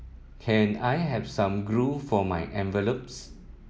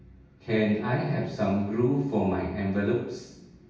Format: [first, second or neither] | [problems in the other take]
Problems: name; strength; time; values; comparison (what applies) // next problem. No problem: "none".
first | room echo; dies away in 0.9 s